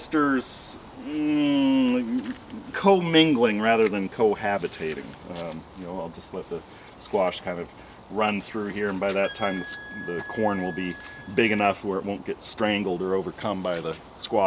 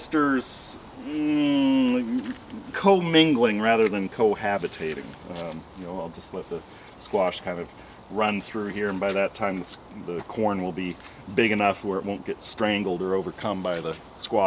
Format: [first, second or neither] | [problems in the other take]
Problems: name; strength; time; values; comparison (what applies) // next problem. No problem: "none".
second | background sound (Wind instrument, woodwind instrument); 15 dB below the speech